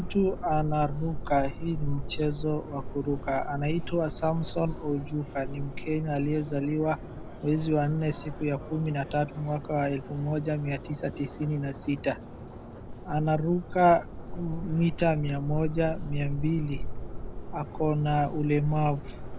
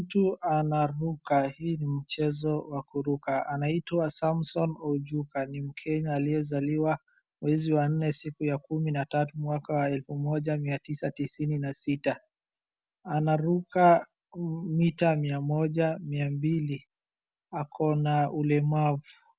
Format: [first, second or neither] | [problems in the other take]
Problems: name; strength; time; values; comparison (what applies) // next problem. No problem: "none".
second | background sound (Subway, metro, underground); 7 dB below the speech